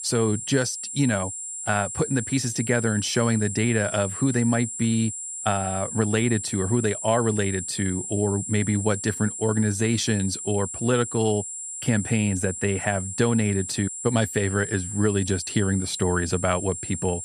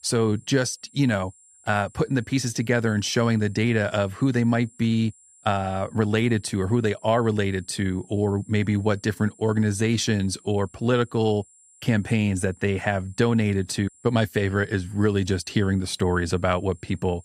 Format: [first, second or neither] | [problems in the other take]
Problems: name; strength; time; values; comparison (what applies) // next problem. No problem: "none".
second | high-pitched whine; loud; throughout; 7.5 kHz, 6 dB below the speech; faint in the second